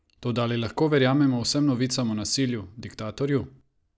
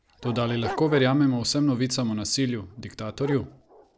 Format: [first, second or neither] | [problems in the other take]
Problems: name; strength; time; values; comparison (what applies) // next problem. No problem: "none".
first | background sound (Dog); 16 dB below the speech